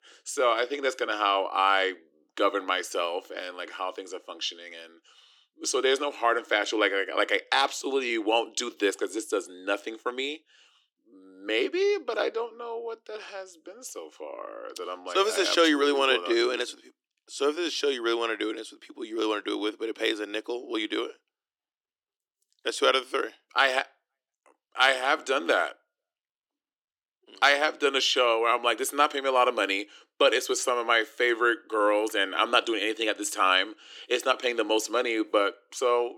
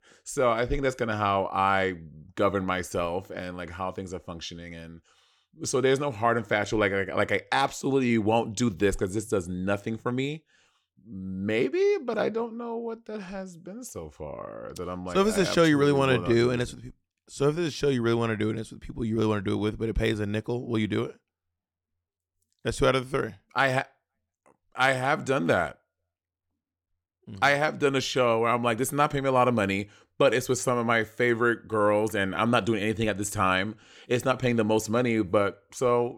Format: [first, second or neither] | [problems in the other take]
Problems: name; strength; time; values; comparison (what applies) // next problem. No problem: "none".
second | thin; somewhat; fading below 300 Hz